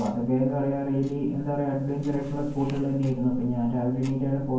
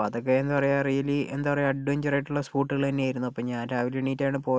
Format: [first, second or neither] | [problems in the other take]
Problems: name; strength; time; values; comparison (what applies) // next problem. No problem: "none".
second | background sound (Tick-tock); 16 dB below the speech // room echo; dies away in 0.9 s